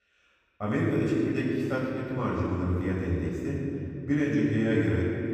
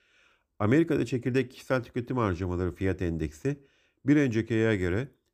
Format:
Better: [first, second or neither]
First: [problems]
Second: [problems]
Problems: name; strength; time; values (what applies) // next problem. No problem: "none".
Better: second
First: room echo; strong; dies away in 3 s // off-mic speech; far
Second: none